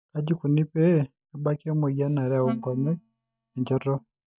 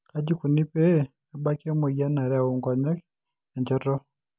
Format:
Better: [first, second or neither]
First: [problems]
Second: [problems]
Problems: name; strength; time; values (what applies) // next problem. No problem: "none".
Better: second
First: noise reduction (neural mask model DeepFilterNet 3)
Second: none